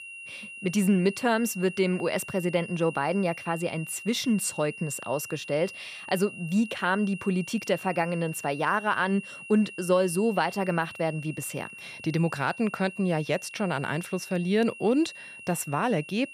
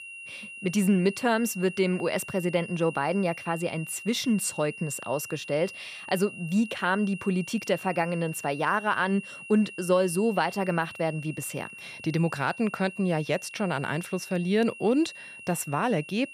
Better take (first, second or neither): neither